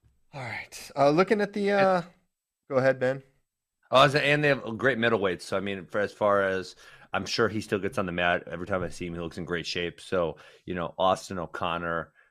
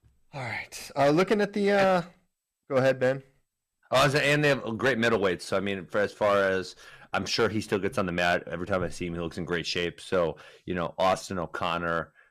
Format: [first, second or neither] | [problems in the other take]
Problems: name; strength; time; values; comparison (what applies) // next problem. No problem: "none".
first | distortion; slight; 4% of the sound clipped